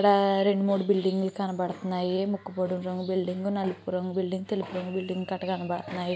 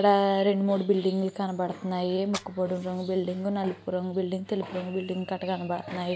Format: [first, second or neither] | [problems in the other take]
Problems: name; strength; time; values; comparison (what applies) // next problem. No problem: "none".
first | background sound (Fire); 18 dB below the speech